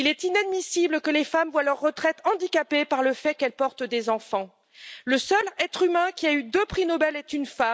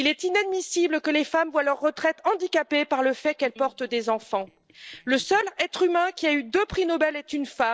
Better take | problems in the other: first | noise reduction (neural separator model SepFormer DNS4)

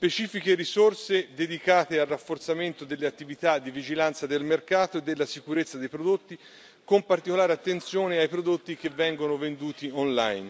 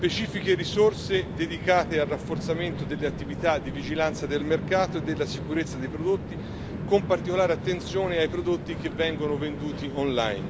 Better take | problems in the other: first | background sound (Train); 6 dB below the speech

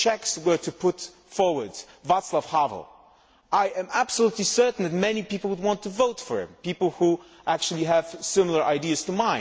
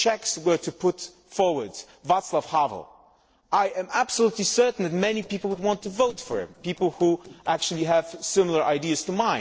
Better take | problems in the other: first | noise reduction (neural separator model SepFormer DNS4)

